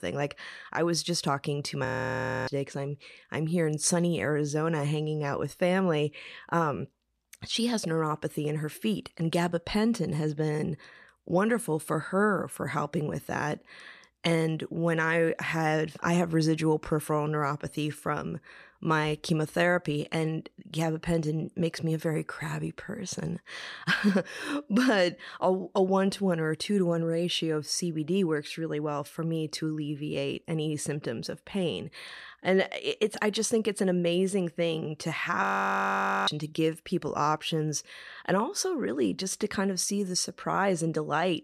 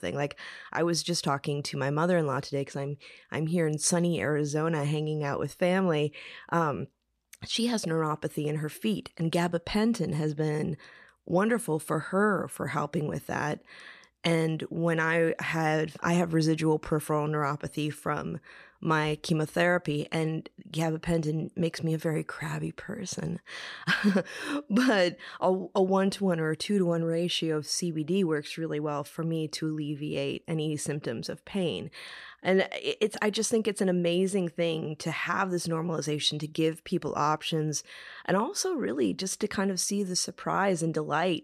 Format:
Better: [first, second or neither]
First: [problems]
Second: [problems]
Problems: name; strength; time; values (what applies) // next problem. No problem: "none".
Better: second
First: audio freezing; at 2 s for 0.5 s and at 35 s for 1 s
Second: none